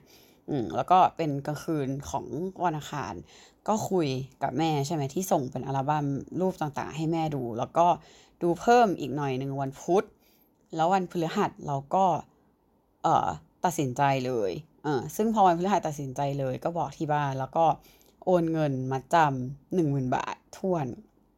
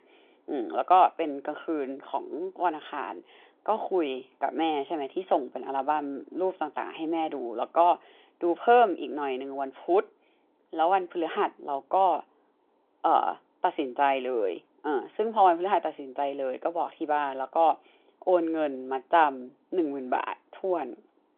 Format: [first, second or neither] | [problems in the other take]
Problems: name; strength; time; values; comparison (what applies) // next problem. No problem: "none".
first | phone-call audio; nothing above 3.5 kHz